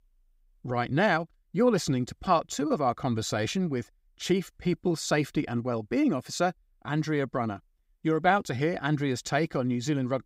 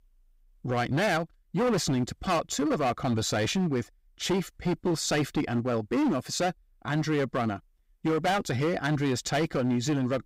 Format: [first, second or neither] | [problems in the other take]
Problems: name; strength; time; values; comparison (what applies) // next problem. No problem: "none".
first | distortion; heavy; 15% of the sound clipped